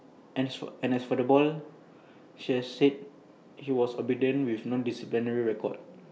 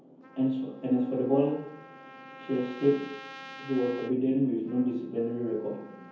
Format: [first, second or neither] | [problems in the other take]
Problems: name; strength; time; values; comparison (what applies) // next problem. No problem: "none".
first | background sound (Trumpet); 19 dB below the speech // room echo; dies away in 0.7 s